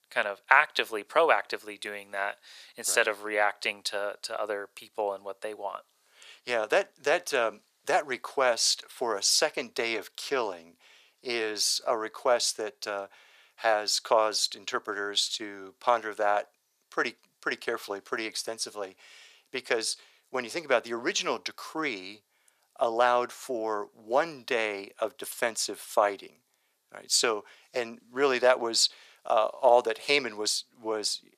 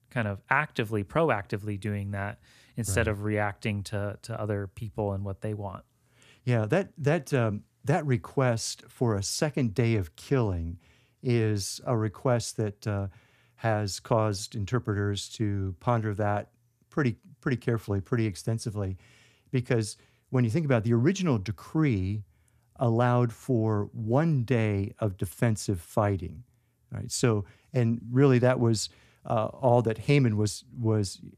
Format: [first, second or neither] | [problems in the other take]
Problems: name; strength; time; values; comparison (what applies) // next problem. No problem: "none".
second | thin; very; fading below 500 Hz